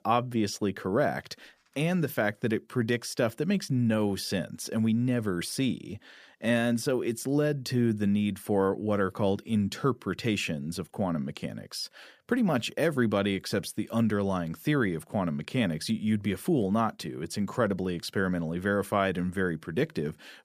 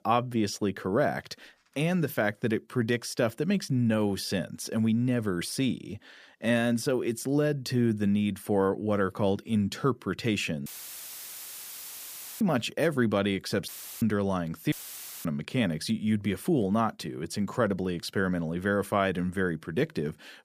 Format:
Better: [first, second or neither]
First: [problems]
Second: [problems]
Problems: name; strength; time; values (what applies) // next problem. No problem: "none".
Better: first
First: none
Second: audio cutting out; filled with static; at 11 s for 2 s, at 14 s and at 15 s for 0.5 s